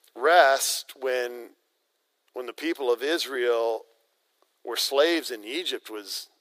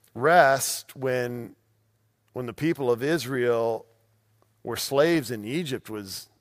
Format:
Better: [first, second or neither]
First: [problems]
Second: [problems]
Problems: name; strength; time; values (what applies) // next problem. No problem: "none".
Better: second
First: thin; very; fading below 350 Hz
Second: none